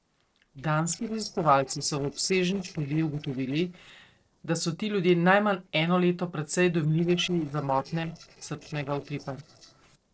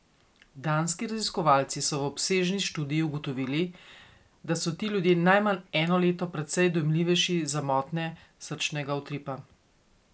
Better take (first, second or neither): second